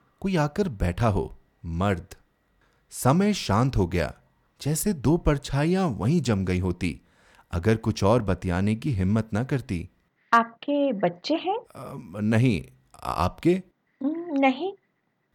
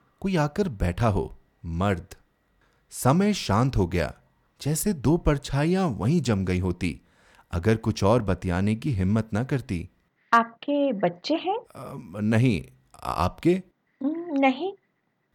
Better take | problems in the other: neither | none

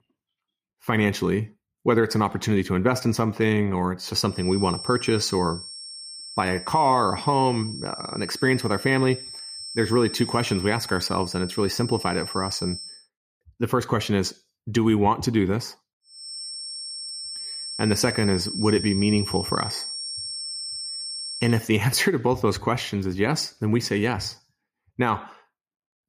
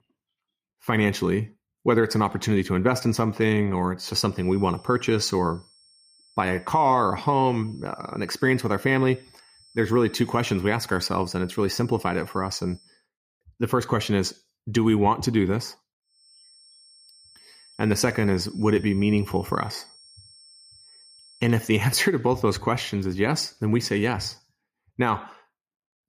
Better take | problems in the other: second | high-pitched whine; loud; from 4.5 to 13 s and from 16 to 22 s; 5.5 kHz, 8 dB below the speech; faint in the second

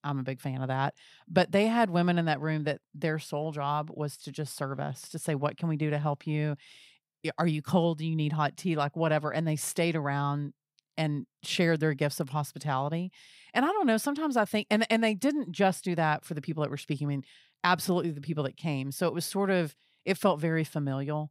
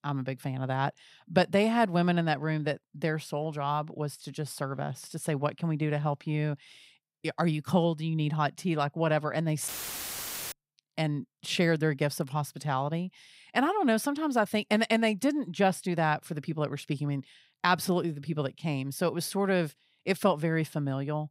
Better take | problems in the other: first | audio cutting out; filled with static; at 9.5 s for 1 s

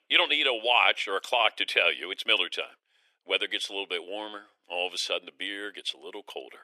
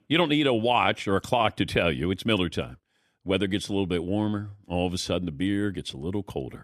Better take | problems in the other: second | thin; very; fading below 450 Hz

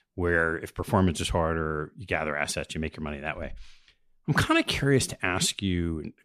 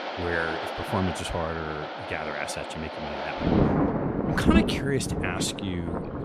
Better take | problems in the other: first | rain or running water; very loud; throughout; 2 dB above the speech

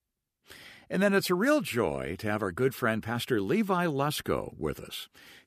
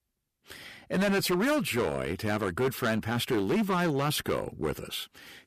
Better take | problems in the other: first | distortion; heavy; 12% of the sound clipped

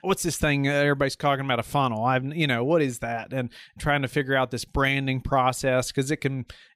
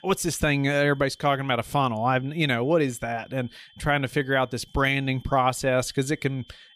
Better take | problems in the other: first | high-pitched whine; faint; throughout; 3 kHz, 30 dB below the speech

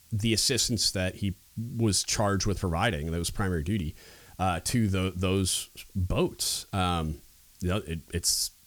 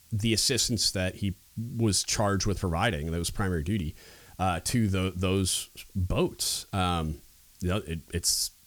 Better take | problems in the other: neither | hiss; faint; throughout; 25 dB below the speech; the same in both

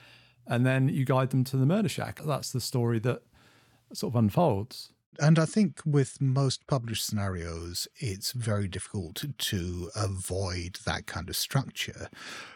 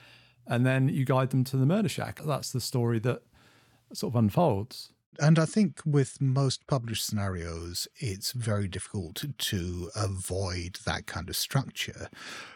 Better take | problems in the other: neither | none

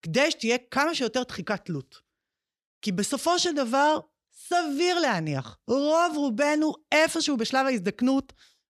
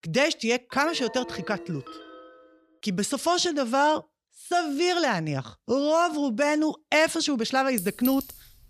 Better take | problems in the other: first | phone ringing; faint; from 0.5 to 2.5 s; peak 15 dB below the speech // clattering dishes; noticeable; at 8 s; peak 7 dB below the speech

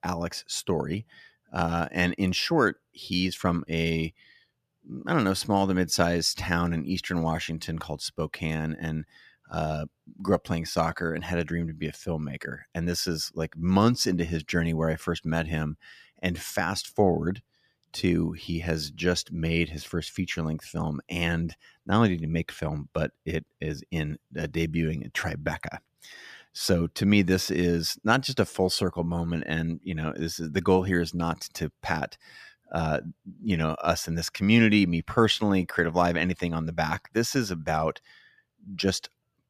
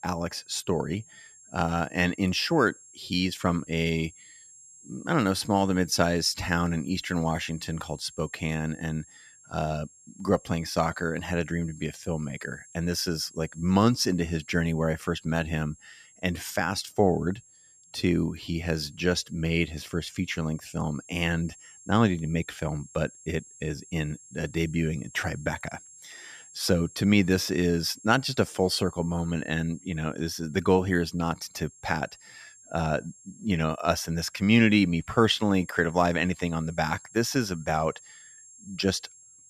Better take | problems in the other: first | high-pitched whine; faint; throughout; 7.5 kHz, 20 dB below the speech

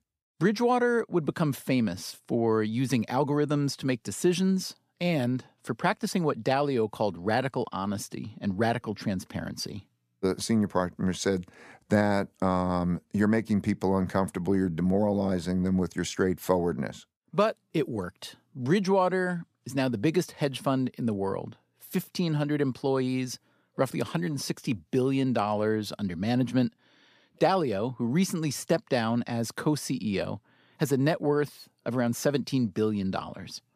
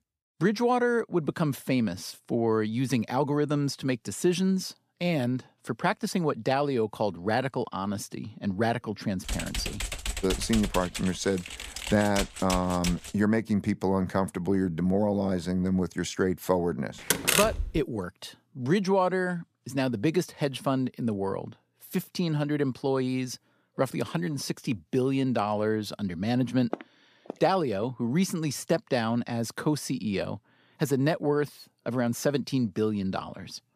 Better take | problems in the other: first | keyboard typing; noticeable; from 9.5 to 13 s; peak 4 dB below the speech // door banging; loud; at 17 s; peak 5 dB above the speech // footsteps; faint; from 27 to 28 s; peak 10 dB below the speech

